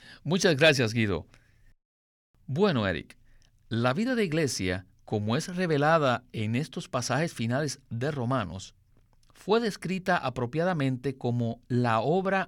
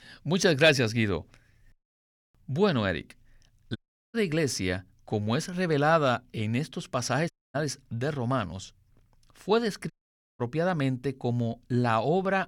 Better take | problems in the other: first | audio cutting out; at 4 s, at 7.5 s and at 10 s

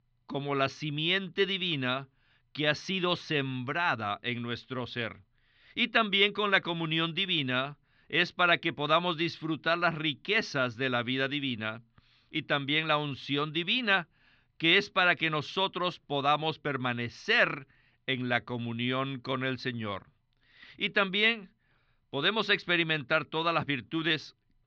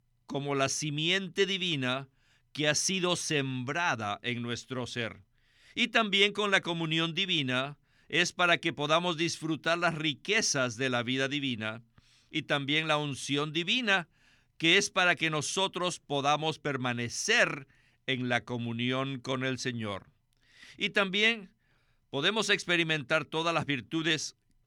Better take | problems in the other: second | muffled; slightly; fading above 4.5 kHz

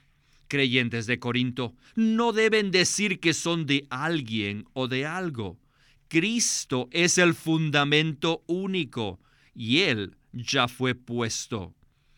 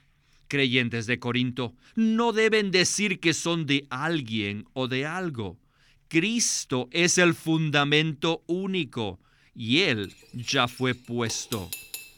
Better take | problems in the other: first | clattering dishes; faint; from 10 s on; peak 10 dB below the speech

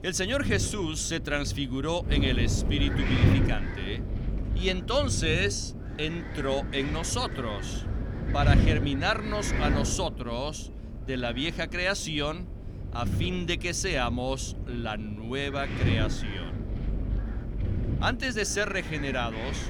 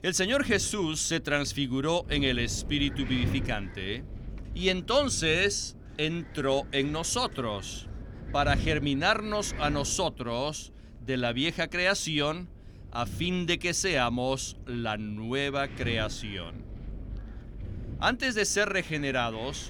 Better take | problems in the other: second | wind noise on the microphone; heavy; 8 dB below the speech; occasional gusts in the second

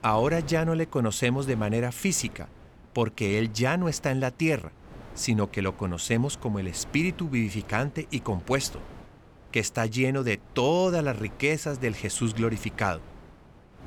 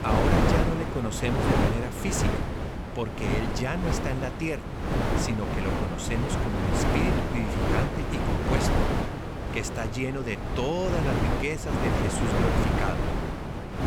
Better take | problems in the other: first | wind noise on the microphone; heavy; 3 dB above the speech; occasional gusts in the first

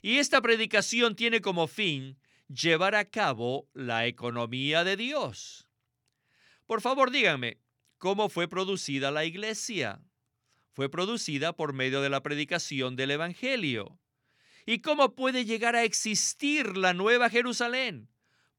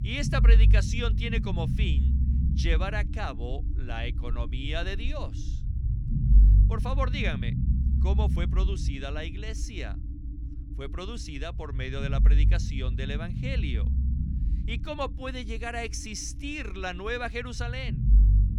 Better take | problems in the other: first | low rumble; loud; throughout; 9 dB below the speech

